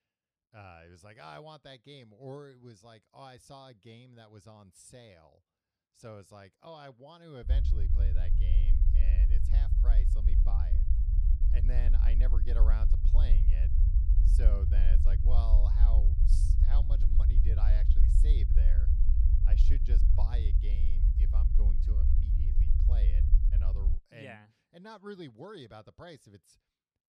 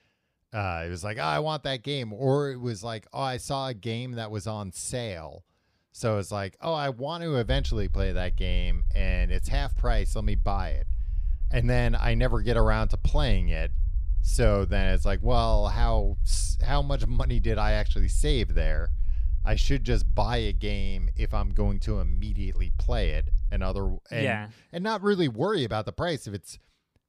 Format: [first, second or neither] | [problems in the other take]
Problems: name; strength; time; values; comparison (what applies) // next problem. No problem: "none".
second | low rumble; loud; from 7.5 to 24 s; 1 dB below the speech; faint in the second